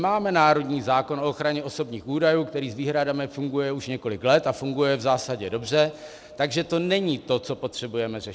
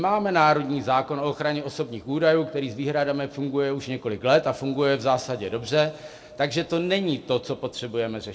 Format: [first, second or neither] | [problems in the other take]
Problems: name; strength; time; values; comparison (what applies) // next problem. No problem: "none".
first | room echo; dies away in 1.8 s